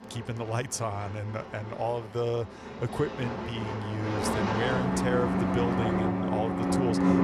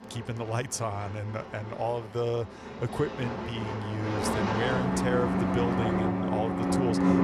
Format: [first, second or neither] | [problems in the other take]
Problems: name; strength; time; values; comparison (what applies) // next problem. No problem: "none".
neither | train or aircraft noise; very loud; throughout; 3 dB above the speech; the same in both